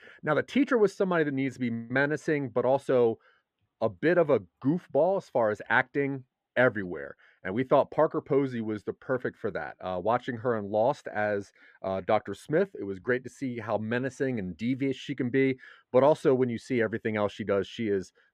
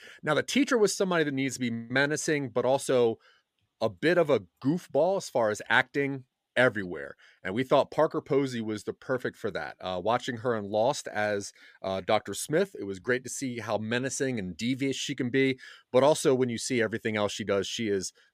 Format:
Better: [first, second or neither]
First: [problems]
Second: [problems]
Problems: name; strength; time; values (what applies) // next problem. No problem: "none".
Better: second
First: muffled; very; fading above 3.5 kHz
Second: none